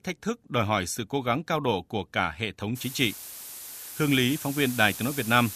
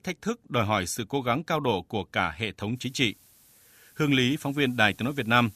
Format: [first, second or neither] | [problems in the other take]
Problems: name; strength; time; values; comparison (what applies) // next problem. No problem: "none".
second | hiss; loud; from 3 s on; 10 dB below the speech; faint in the second